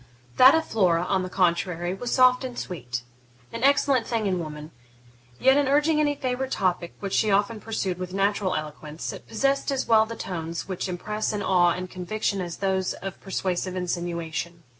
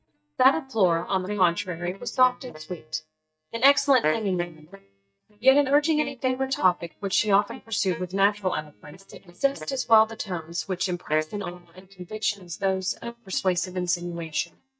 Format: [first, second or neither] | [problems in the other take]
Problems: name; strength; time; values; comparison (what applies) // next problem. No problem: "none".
first | noise reduction (neural mask model DeepFilterNet 3)